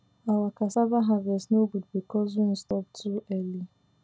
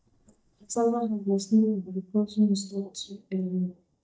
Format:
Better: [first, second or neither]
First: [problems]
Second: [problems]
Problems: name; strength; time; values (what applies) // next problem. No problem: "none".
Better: first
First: none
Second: noise reduction (neural mask model DeepFilterNet 3)